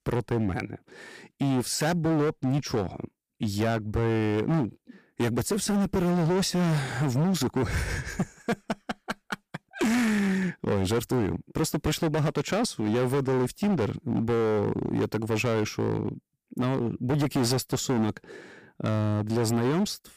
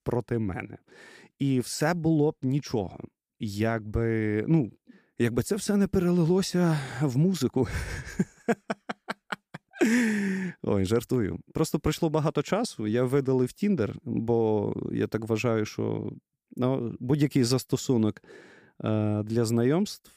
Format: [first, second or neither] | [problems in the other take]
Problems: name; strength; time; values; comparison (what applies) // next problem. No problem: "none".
second | distortion; heavy; 19% of the sound clipped